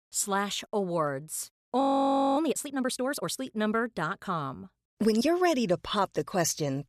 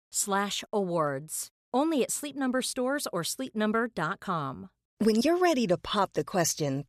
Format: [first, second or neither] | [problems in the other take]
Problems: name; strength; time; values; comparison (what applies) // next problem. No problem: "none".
second | audio freezing; at 2 s for 0.5 s